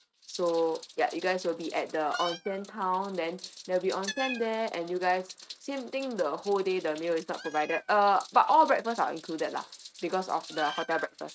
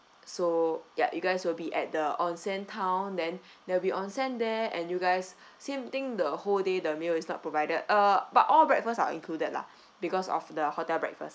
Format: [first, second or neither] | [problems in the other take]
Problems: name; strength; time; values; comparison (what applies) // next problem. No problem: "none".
second | noise reduction (neural mask model RNNoise)